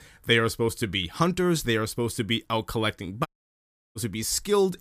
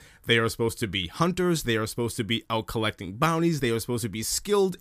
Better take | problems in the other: second | audio cutting out; at 3.5 s for 0.5 s

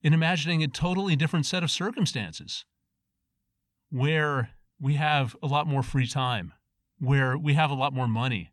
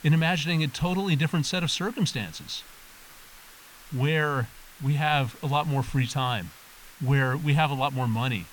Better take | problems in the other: first | hiss; faint; throughout; 20 dB below the speech

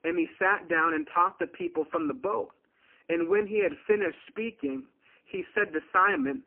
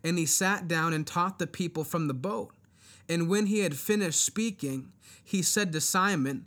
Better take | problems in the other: second | phone-call audio; poor line; nothing above 2.5 kHz

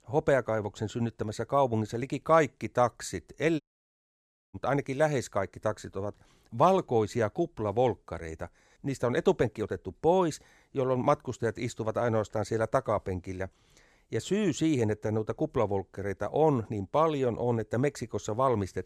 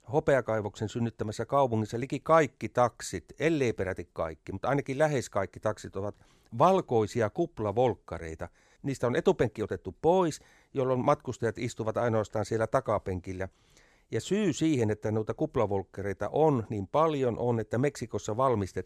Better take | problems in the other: second | audio cutting out; at 3.5 s for 1 s

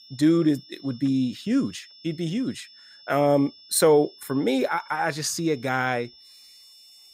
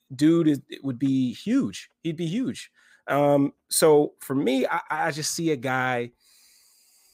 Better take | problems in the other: second | high-pitched whine; faint; throughout; 5.5 kHz, 25 dB below the speech

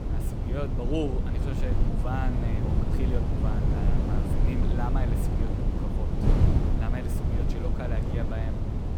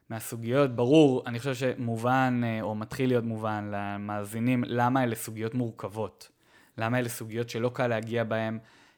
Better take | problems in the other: second | wind noise on the microphone; heavy; 1 dB above the speech

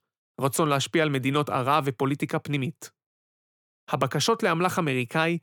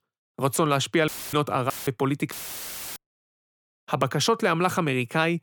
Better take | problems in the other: first | audio cutting out; filled with static; at 1 s, at 1.5 s and at 2.5 s for 0.5 s

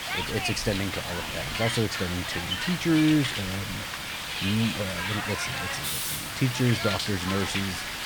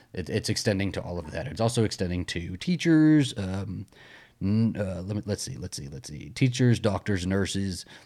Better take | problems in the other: second | hiss; loud; throughout; 1 dB below the speech

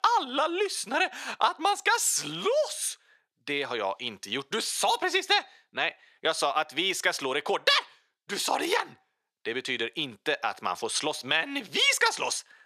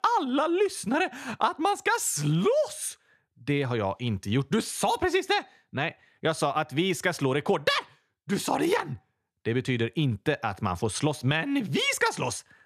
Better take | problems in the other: second | thin; somewhat; fading below 500 Hz

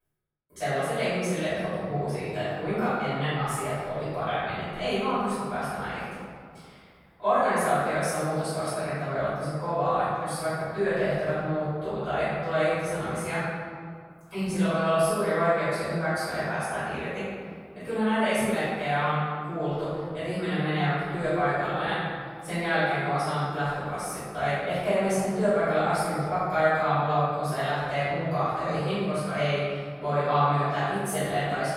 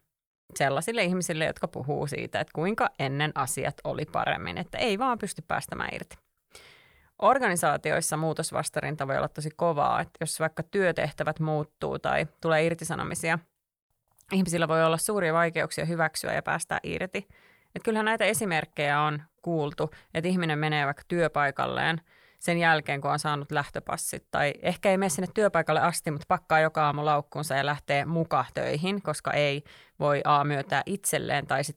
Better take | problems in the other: second | room echo; strong; dies away in 1.9 s // off-mic speech; far

